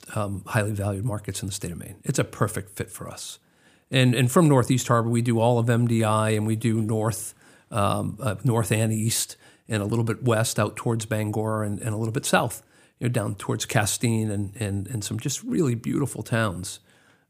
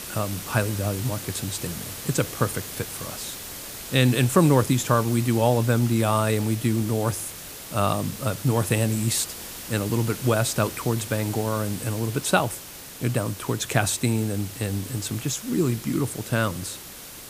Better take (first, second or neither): first